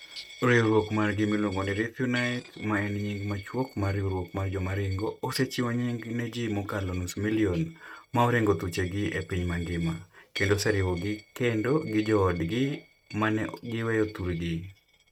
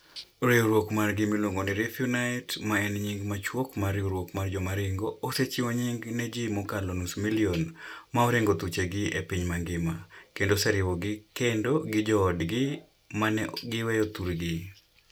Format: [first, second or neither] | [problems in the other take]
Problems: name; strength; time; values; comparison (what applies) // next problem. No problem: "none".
second | noise reduction (neural mask model RNNoise)